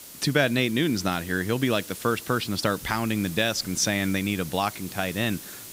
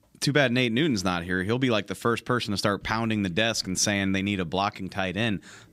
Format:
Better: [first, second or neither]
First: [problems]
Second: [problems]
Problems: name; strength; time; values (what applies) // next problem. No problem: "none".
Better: second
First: hiss; noticeable; throughout; 15 dB below the speech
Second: none